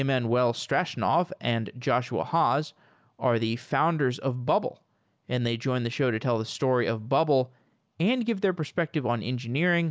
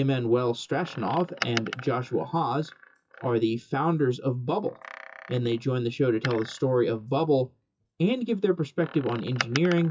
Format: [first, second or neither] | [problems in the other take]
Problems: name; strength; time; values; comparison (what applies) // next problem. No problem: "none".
first | noise reduction (classical method WPE with log-MMSE)